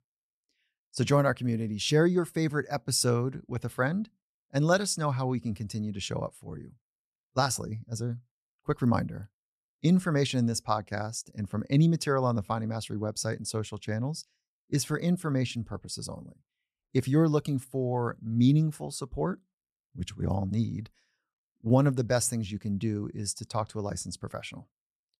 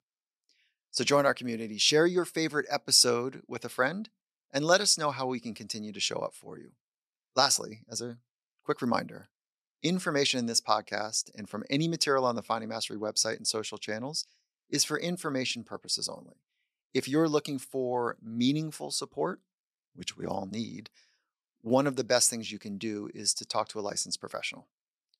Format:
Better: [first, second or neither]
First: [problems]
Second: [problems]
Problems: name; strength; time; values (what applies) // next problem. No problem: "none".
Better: first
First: none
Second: thin; somewhat; fading below 300 Hz